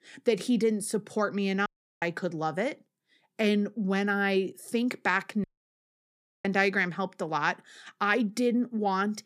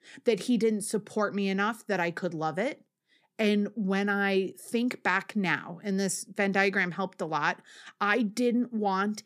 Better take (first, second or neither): second